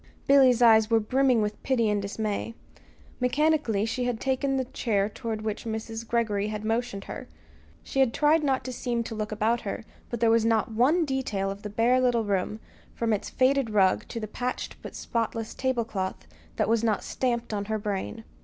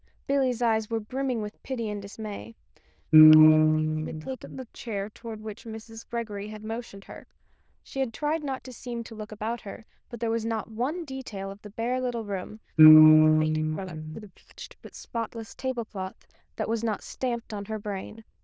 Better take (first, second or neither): first